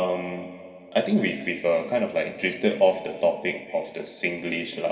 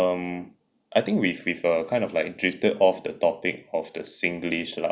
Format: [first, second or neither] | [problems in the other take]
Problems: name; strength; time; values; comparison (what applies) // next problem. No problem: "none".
second | room echo; dies away in 2.2 s